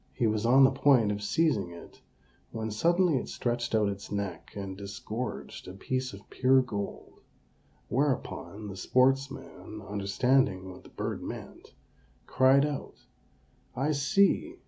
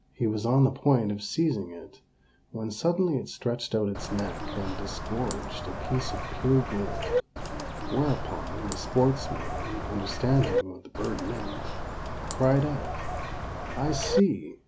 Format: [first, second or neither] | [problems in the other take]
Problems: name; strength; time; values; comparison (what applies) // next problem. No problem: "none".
first | background sound (Bird); 3 dB below the speech